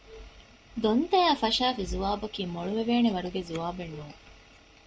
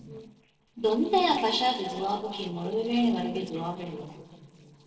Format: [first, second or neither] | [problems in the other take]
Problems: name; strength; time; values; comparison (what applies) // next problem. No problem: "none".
first | noise reduction (neural separator model SepFormer DNS4)